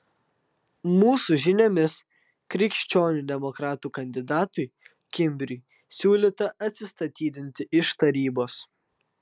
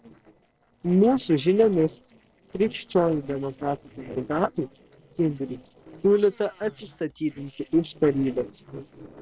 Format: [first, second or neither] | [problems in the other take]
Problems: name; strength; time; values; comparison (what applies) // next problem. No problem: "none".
first | noise reduction (neural separator model SepFormer DNS4)